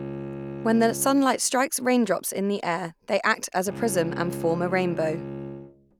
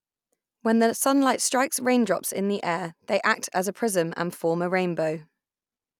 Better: second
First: background sound (Bowed string instrument); 11 dB below the speech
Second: none

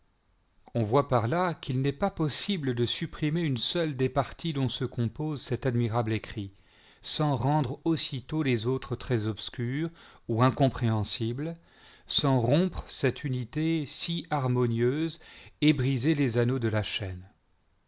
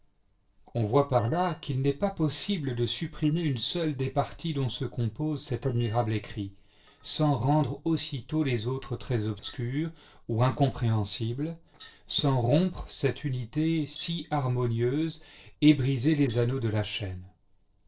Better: first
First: none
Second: noise reduction (neural separator model SepFormer DNS4)

